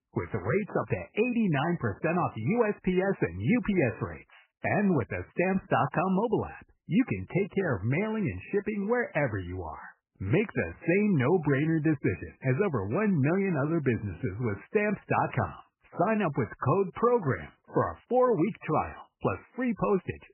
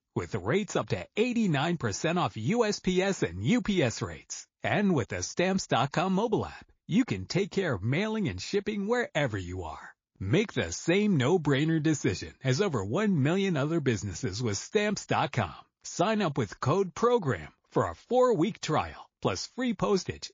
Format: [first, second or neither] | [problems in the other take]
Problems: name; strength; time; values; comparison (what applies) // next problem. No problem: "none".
second | garbled, watery; badly; nothing above 2.5 kHz; slightly in the second